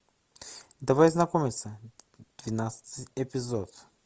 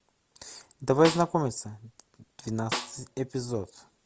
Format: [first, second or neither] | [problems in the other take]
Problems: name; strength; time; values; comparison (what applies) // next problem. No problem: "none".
first | background sound (Snare drum); 9 dB below the speech